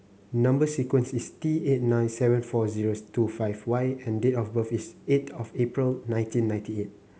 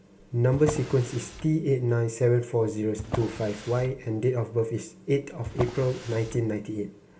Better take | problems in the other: first | background sound (Drawer open or close); 13 dB below the speech // room echo; dies away in 0.2 s

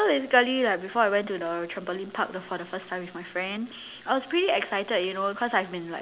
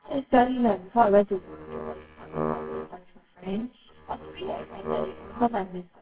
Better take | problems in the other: first | noise reduction (neural separator model SepFormer WHAMR!)

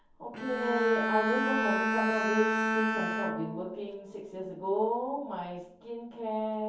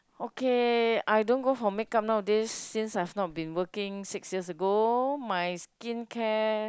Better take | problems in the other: second | background sound (Bowed string instrument); as loud as the speech // room echo; dies away in 0.6 s

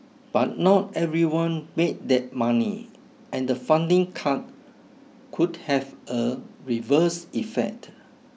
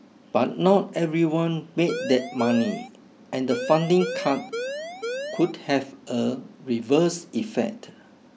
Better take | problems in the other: first | background sound (Siren); 7 dB below the speech

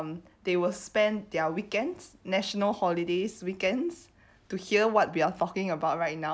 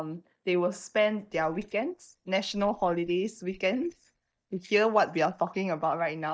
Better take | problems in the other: first | noise reduction (neural mask model DeepFilterNet 3)

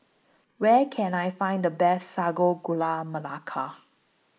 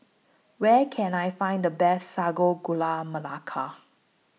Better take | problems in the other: second | noise reduction (neural mask model Resemble Enhance denoiser)

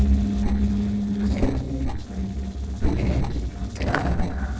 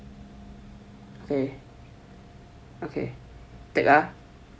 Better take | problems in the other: second | noise reduction (neural separator model SepFormer DNS4)

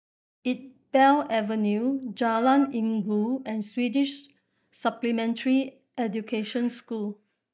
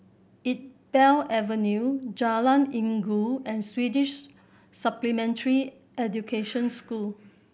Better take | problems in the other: second | noise reduction (neural mask model DeepFilterNet 3)

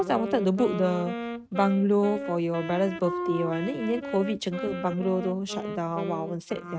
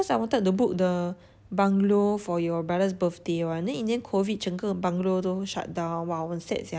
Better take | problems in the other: second | noise reduction (neural mask model RNNoise)

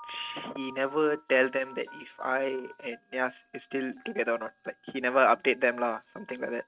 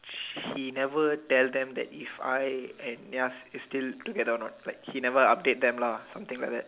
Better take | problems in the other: second | noise reduction (neural mask model RNNoise)

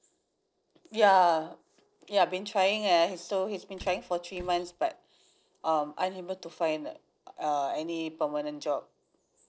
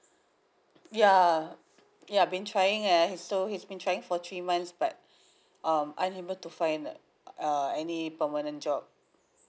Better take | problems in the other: second | noise reduction (neural separator model SepFormer DNS4)

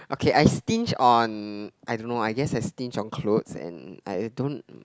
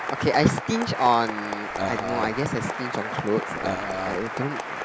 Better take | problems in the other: first | background sound (Burping, eructation + Applause); 4 dB below the speech

